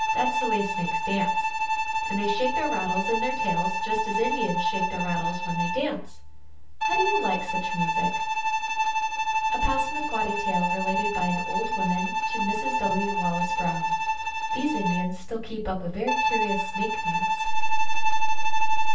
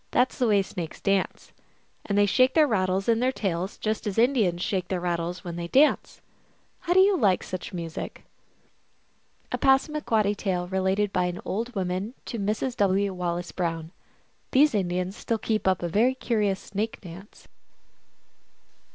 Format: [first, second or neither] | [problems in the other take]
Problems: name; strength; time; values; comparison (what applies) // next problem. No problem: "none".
second | background sound (Bowed string instrument); 2 dB below the speech // room echo; dies away in 0.4 s